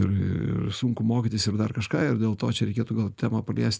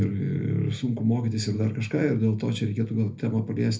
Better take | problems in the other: first | room echo; dies away in 0.3 s

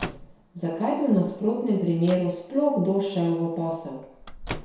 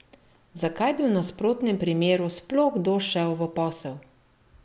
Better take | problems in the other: second | background sound (Microwave oven); 16 dB below the speech // room echo; dies away in 0.7 s

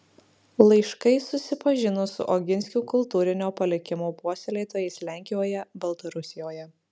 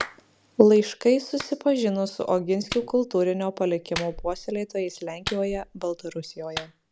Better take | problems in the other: first | background sound (Clapping); 15 dB below the speech

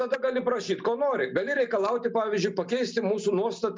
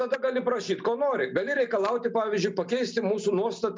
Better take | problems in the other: second | noise reduction (neural mask model Resemble Enhance denoiser)

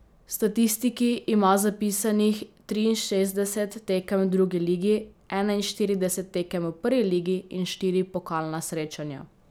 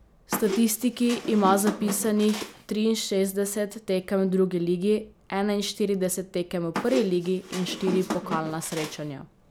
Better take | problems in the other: first | background sound (Squeak); 8 dB below the speech

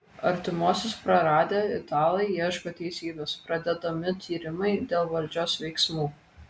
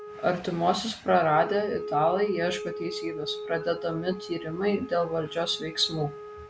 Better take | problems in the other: first | background sound (Wind instrument, woodwind instrument); 11 dB below the speech

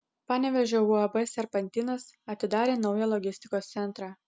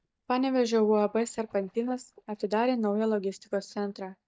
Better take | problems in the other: first | noise reduction (neural mask model DeepFilterNet 3)

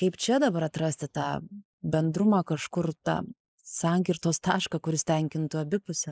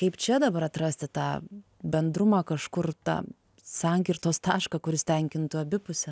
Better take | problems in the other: second | noise reduction (neural mask model Resemble Enhance denoiser)

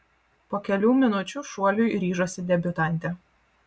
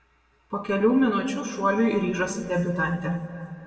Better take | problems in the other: first | room echo; dies away in 1.9 s

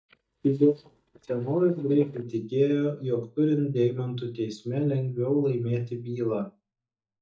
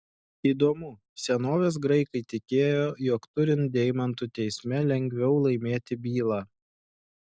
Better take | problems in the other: second | noise reduction (neural mask model DeepFilterNet 3)

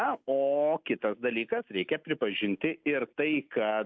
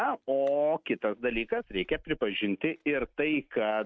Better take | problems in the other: first | noise reduction (neural mask model RNNoise)

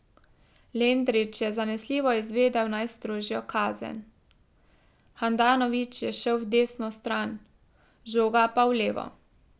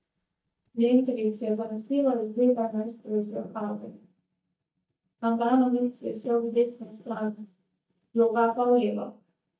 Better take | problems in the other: first | noise reduction (neural mask model DeepFilterNet 3)

